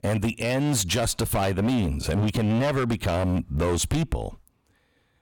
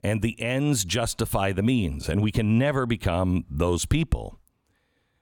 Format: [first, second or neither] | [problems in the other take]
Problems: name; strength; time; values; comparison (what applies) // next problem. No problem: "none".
second | distortion; heavy; 20% of the sound clipped